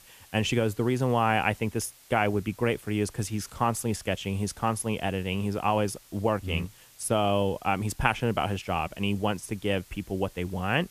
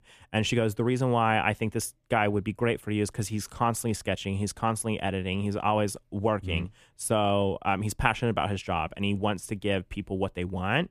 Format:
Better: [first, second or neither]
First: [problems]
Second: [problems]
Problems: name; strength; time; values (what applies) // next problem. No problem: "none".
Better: second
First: hiss; faint; throughout; 25 dB below the speech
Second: none